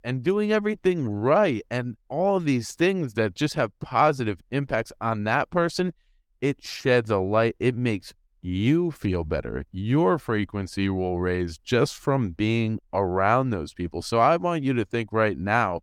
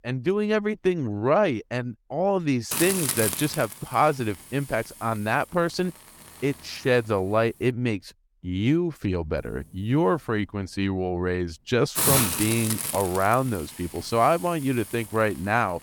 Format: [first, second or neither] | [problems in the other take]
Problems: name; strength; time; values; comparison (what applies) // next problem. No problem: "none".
first | hiss; loud; from 2.5 to 7.5 s and from 9.5 s on; 1 dB below the speech